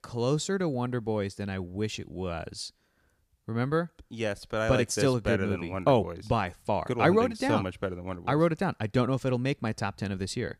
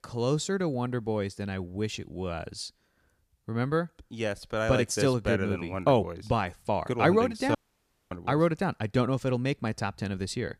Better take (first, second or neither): first